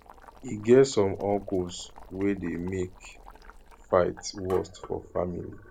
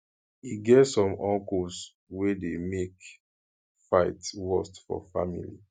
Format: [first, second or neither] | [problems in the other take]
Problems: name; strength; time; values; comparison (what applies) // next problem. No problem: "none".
second | background sound (Boiling); 19 dB below the speech